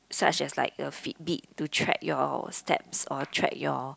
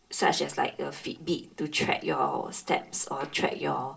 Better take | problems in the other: first | room echo; dies away in 0.3 s

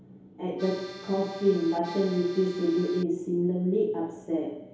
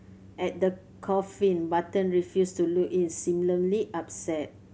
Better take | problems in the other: second | background sound (Accordion); 16 dB below the speech // room echo; dies away in 2.2 s

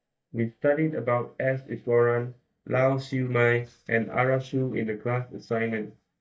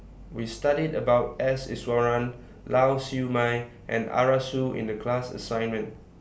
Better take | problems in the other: second | noise reduction (neural mask model DeepFilterNet 3)

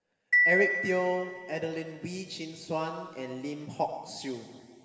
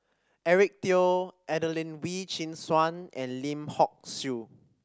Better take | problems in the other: second | background sound (Marimba, xylophone); 1 dB above the speech // room echo; dies away in 2.8 s

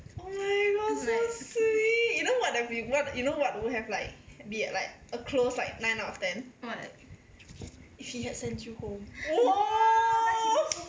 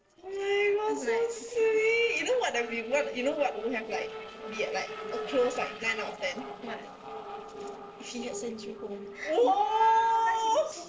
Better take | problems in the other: first | noise reduction (neural separator model SepFormer DNS4)

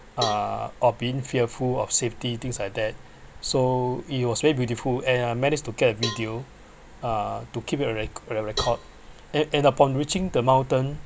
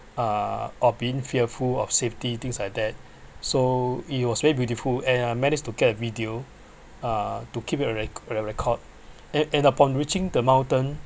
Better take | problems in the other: second | background sound (Cowbell); 14 dB below the speech

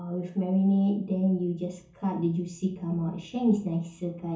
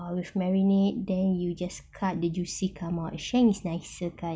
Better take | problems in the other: second | room echo; dies away in 0.6 s

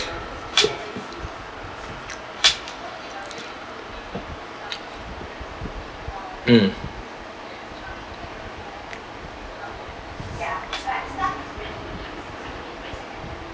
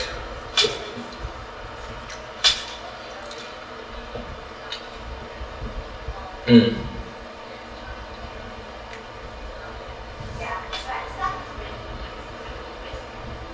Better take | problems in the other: first | room echo; dies away in 0.7 s

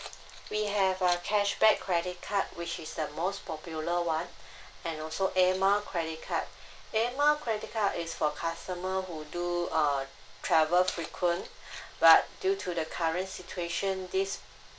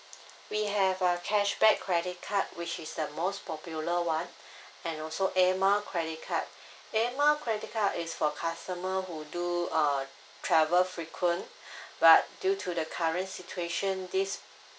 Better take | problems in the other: second | background sound (Keys jangling); 17 dB below the speech

